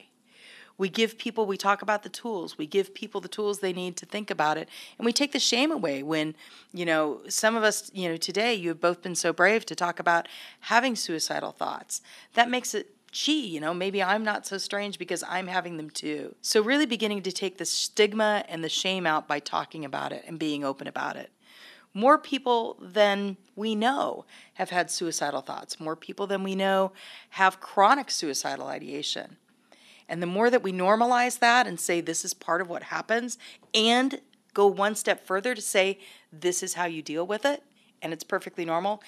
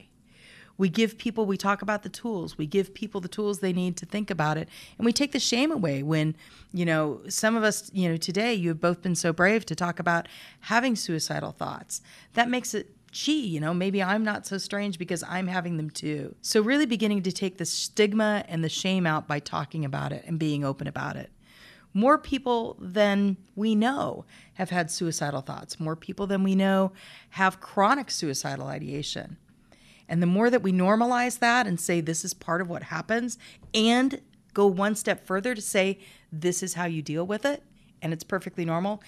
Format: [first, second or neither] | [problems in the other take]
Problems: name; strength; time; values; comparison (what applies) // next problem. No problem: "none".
second | thin; somewhat; fading below 250 Hz